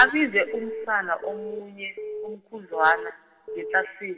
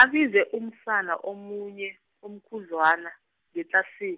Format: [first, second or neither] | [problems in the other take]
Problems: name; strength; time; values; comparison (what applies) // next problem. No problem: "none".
second | background sound (Alarm / Keyboard (musical)); 10 dB below the speech // room echo; dies away in 0.8 s